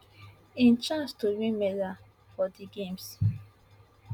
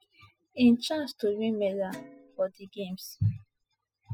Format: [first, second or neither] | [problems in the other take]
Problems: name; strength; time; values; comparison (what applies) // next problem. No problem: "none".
first | noise reduction (classical method spectral subtraction)